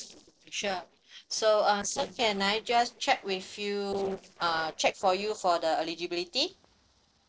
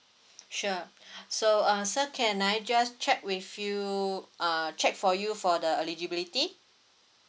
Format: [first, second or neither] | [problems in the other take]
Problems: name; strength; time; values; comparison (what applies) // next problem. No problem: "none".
second | noise reduction (neural separator model SepFormer DNS4)